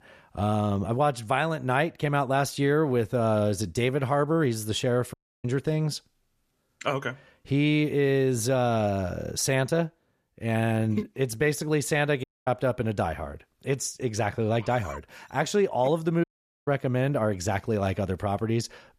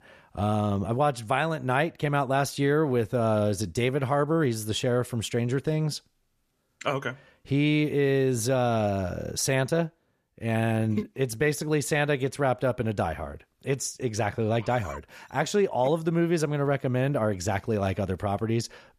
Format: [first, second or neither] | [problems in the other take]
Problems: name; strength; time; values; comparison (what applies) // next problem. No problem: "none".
second | audio cutting out; at 5 s, at 12 s and at 16 s